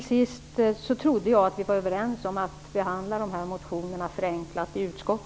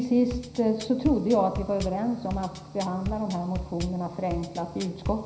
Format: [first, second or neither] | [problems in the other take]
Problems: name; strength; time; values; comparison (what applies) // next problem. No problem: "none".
first | background sound (Bass drum / Drum kit); 11 dB below the speech // room echo; dies away in 0.9 s